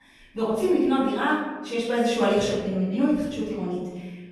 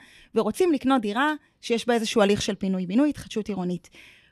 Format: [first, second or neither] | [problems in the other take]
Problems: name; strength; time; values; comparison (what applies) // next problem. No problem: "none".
second | room echo; noticeable; dies away in 1.1 s // off-mic speech; far